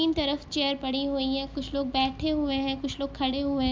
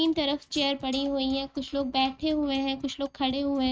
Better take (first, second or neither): first